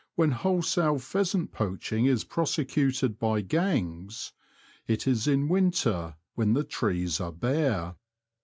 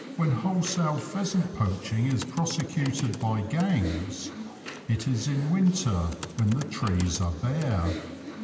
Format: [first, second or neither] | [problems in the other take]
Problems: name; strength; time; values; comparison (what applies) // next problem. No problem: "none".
first | background sound (Computer keyboard); 12 dB below the speech // room echo; dies away in 2 s